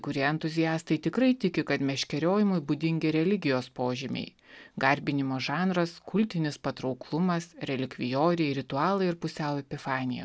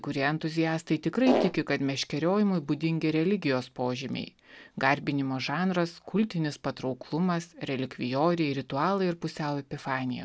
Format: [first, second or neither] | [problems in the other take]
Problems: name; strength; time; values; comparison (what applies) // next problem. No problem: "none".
first | background sound (Fart); 2 dB above the speech